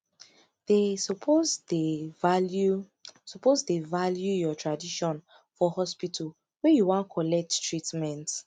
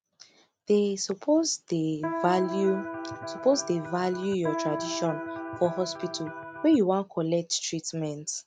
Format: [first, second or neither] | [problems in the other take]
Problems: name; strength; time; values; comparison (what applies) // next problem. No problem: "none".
first | background sound (Electric guitar); 7 dB below the speech